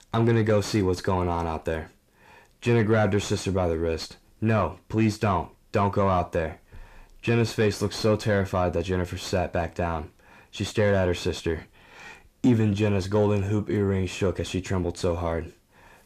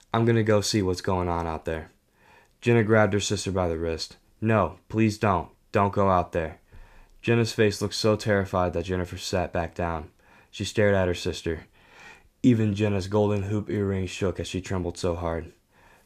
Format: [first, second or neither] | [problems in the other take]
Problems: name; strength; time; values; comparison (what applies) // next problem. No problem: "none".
second | distortion; slight; 10 dB below the speech